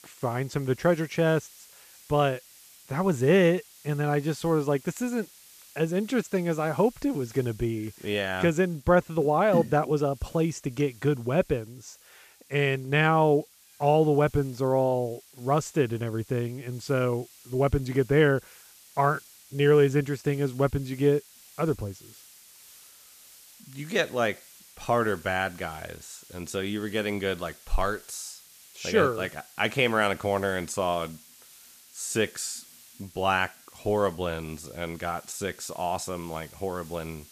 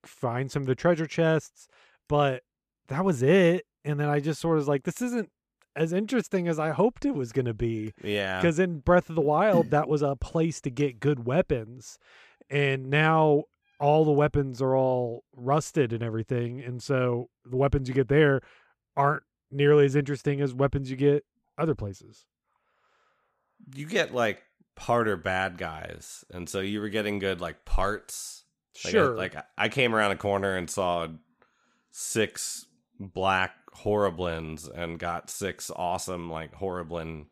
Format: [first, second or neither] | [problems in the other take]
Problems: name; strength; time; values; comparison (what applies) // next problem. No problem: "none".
second | hiss; faint; throughout; 25 dB below the speech